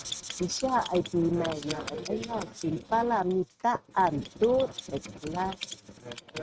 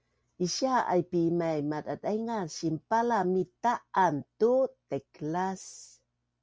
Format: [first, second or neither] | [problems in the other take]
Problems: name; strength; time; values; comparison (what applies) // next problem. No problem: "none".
second | noise reduction (neural mask model RNNoise)